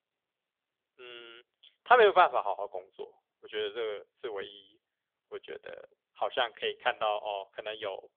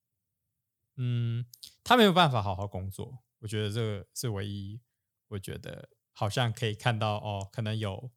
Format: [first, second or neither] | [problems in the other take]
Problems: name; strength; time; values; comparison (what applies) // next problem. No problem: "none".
second | phone-call audio; nothing above 3.5 kHz